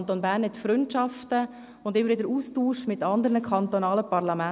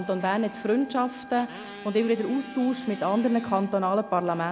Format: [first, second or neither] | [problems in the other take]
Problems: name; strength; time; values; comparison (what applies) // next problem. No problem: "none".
first | background sound (Trumpet + Motorcycle); 17 dB below the speech